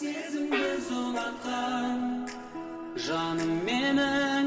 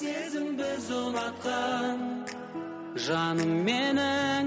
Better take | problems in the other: second | background sound (Gong); 11 dB below the speech // room echo; dies away in 2.3 s

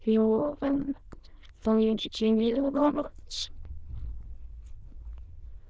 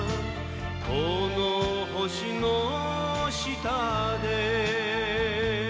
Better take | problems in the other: second | noise reduction (neural diffusion model UNIVERSE++)

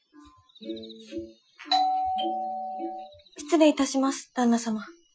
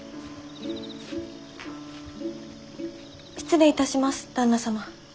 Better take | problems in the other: second | noise reduction (classical method Wiener filter)

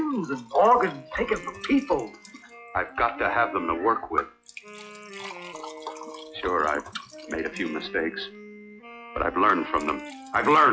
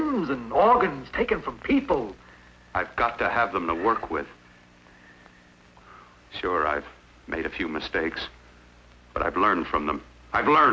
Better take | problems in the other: second | noise reduction (classical method log-MMSE)

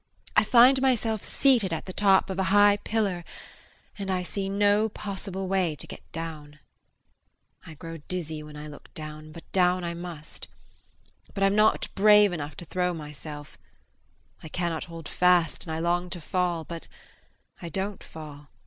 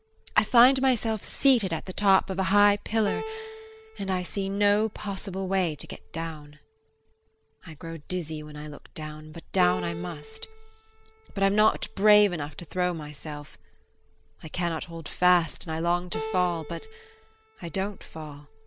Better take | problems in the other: first | background sound (Keyboard (musical)); 16 dB below the speech

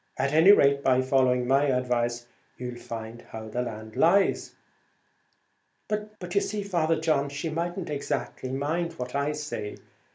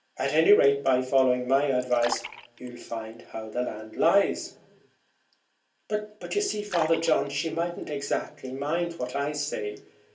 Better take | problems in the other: first | background sound (Fill (with liquid)); 14 dB below the speech // room echo; dies away in 0.2 s

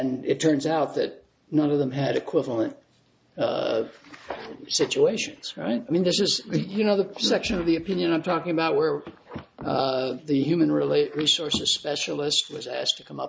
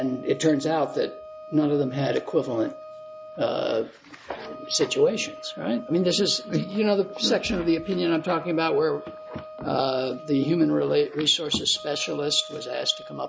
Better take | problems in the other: first | background sound (Wind instrument, woodwind instrument); 16 dB below the speech

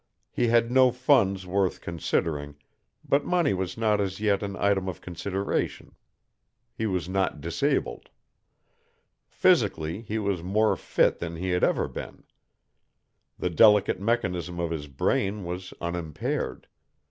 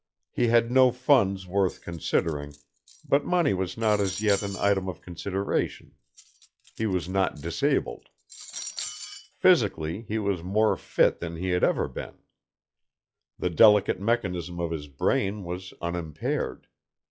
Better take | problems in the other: first | noise reduction (classical method log-MMSE)

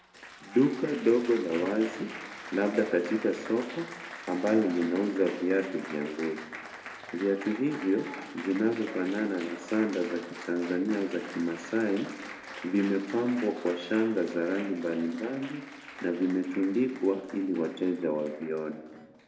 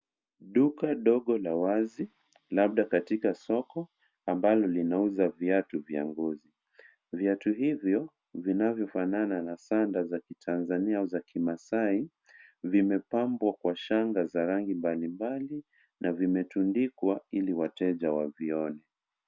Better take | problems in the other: second | background sound (Applause); 14 dB below the speech // room echo; dies away in 0.6 s

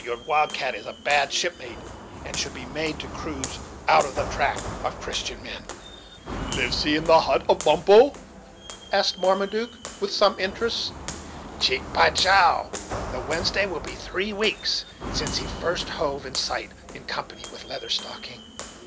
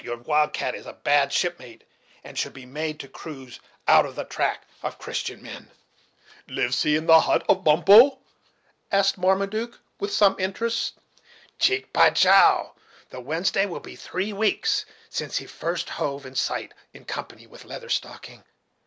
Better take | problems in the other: second | background sound (Walk, footsteps); 11 dB below the speech

